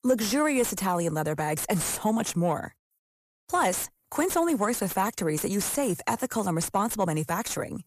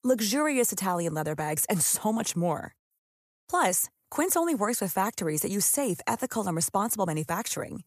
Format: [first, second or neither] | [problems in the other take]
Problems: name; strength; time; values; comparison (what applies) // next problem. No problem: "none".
second | distortion; slight; 10 dB below the speech